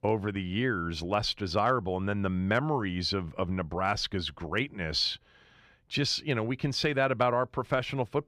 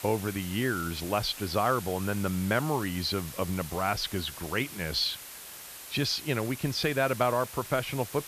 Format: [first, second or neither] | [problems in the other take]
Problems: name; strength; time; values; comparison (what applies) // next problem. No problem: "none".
first | hiss; noticeable; throughout; 10 dB below the speech